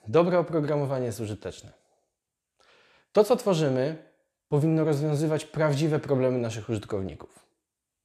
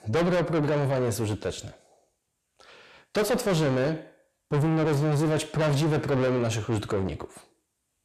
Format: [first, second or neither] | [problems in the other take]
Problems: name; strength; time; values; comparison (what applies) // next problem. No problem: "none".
first | distortion; heavy; 6 dB below the speech